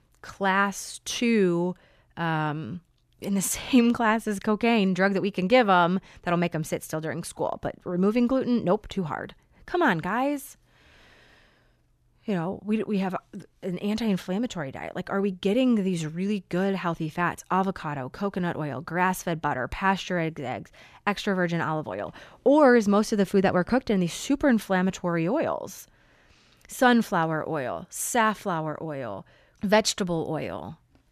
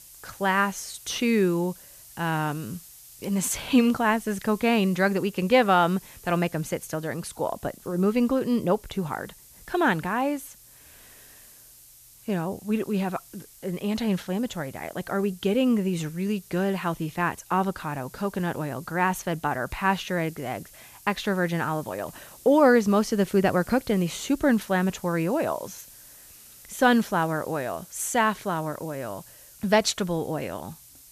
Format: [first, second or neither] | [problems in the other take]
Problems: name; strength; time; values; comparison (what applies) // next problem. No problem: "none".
first | hiss; faint; throughout; 20 dB below the speech